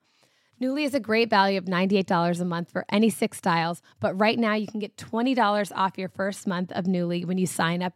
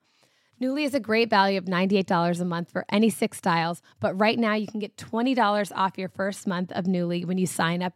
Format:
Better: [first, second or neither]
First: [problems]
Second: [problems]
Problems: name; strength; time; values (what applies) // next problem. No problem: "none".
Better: neither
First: none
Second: none